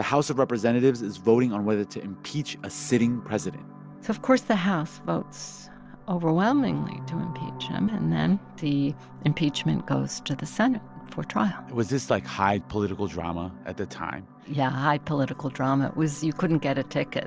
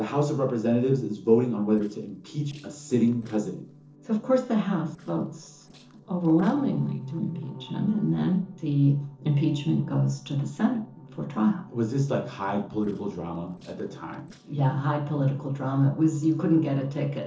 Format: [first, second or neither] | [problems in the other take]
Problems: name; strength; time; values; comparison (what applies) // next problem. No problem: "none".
first | noise reduction (neural separator model SepFormer DNS4)